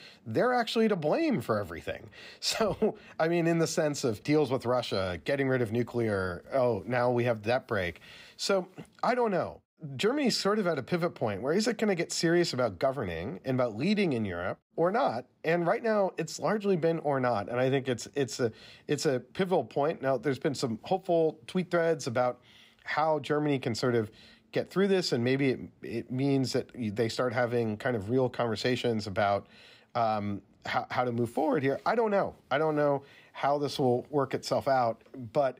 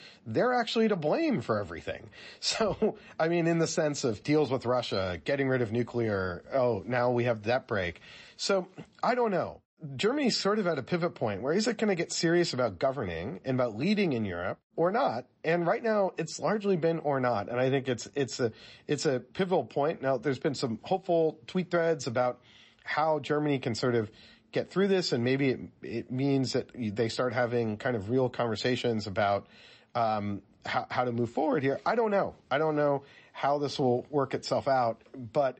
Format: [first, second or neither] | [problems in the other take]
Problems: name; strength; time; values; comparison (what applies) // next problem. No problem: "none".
first | garbled, watery; slightly; nothing above 8 kHz